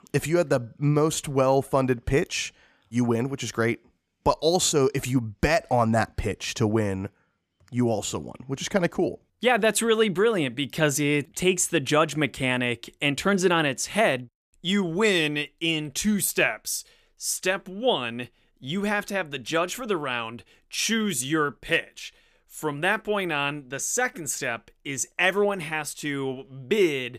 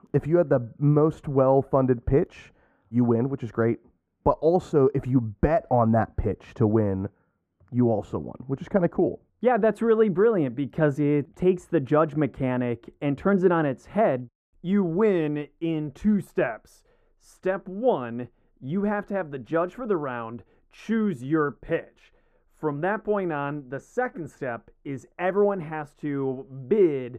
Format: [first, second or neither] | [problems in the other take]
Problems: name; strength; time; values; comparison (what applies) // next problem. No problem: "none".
first | muffled; very; fading above 2 kHz